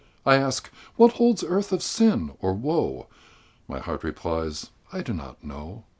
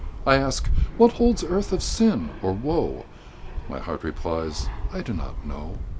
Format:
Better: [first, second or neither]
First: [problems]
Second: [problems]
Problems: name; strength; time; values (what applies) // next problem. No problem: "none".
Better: first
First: none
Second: background sound (Fixed-wing aircraft, airplane); 4 dB below the speech